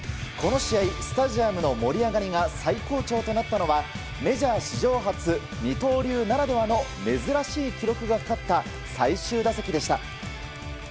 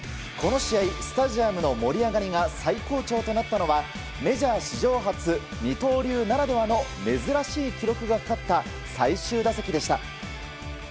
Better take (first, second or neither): second